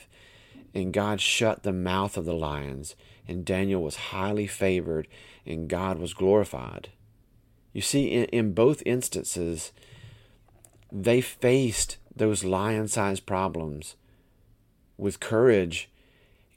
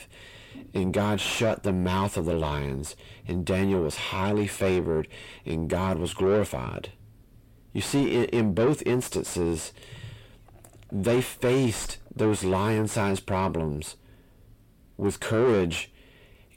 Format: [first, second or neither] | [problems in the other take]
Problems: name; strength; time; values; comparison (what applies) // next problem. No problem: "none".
first | distortion; heavy; 7 dB below the speech